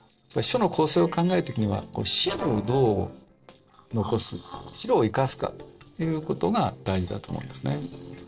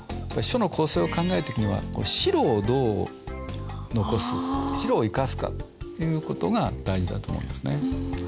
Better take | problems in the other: second | noise reduction (neural separator model SepFormer DNS4)

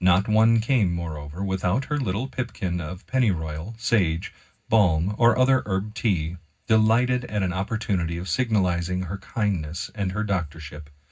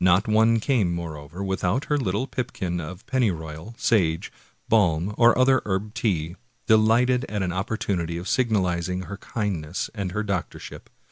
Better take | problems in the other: second | room echo; dies away in 0.4 s

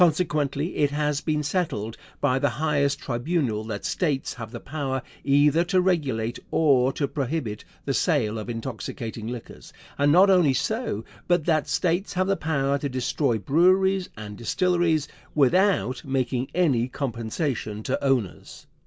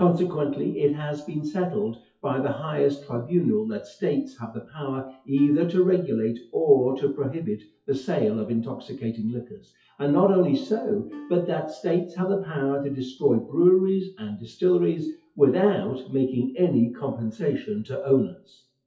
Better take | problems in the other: first | noise reduction (classical method WPE with log-MMSE)

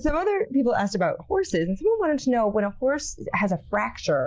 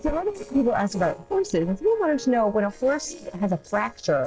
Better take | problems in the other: first | noise reduction (neural separator model SepFormer DNS4)

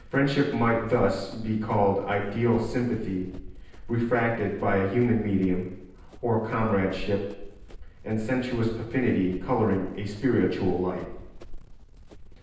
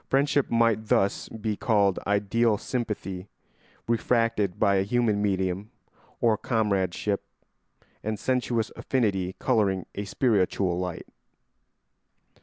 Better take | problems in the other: second | background sound (Run); 13 dB below the speech // room echo; dies away in 0.9 s

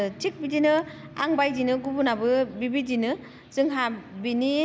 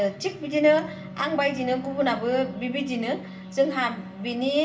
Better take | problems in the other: first | background sound (Wind instrument, woodwind instrument); 15 dB below the speech // room echo; dies away in 0.4 s

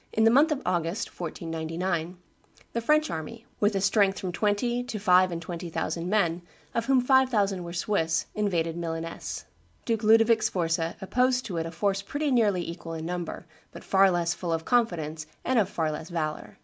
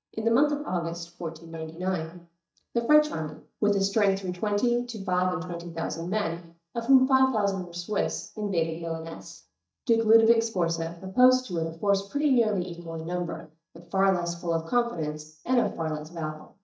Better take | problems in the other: first | noise reduction (neural mask model DeepFilterNet 3)

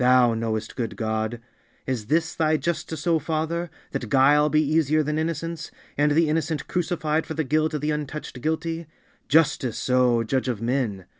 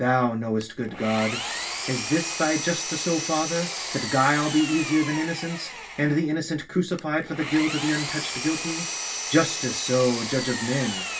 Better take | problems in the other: first | background sound (Engine); 7 dB below the speech // room echo; dies away in 0.2 s

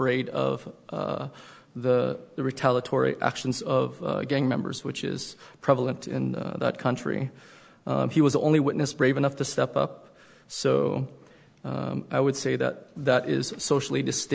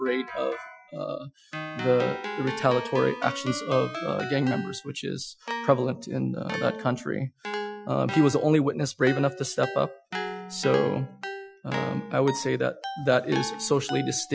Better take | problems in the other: first | noise reduction (classical method Wiener filter)

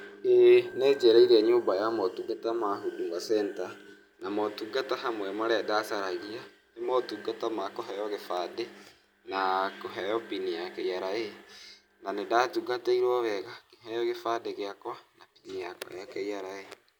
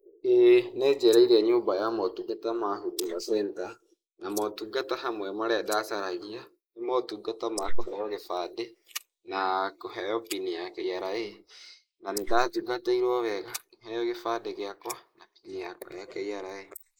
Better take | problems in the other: first | noise reduction (neural mask model Resemble Enhance denoiser)

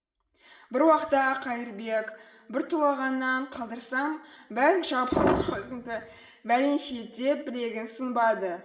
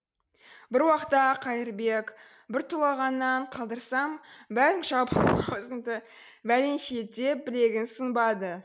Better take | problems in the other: second | room echo; dies away in 1.5 s

